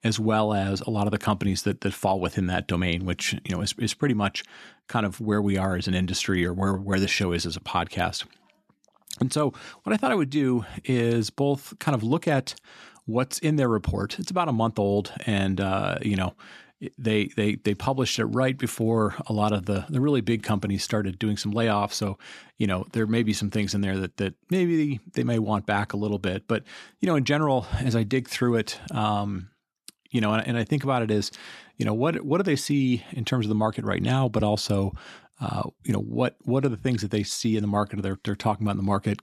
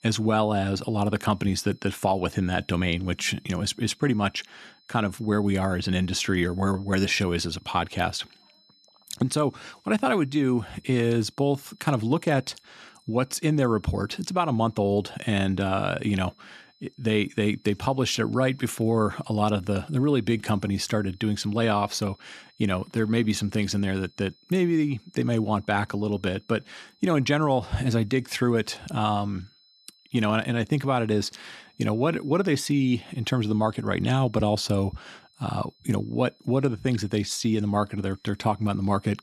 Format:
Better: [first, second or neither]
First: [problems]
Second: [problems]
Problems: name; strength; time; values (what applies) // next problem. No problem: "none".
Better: first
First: none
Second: high-pitched whine; faint; throughout; 4 kHz, 35 dB below the speech